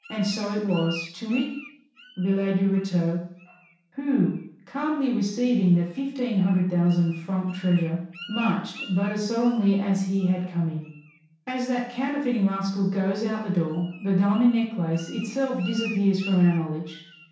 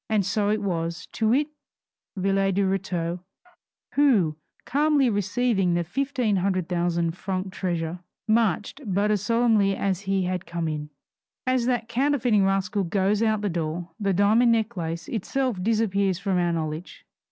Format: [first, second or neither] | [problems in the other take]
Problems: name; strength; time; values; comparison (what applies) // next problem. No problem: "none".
second | background sound (Bird); 20 dB below the speech // room echo; dies away in 0.7 s